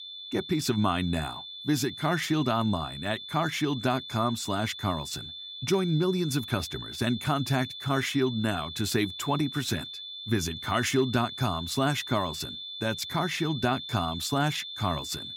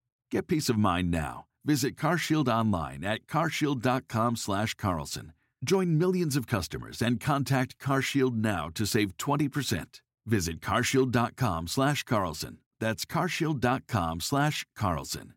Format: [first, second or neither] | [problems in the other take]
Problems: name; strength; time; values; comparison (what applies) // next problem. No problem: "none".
second | high-pitched whine; loud; throughout; 3.5 kHz, 9 dB below the speech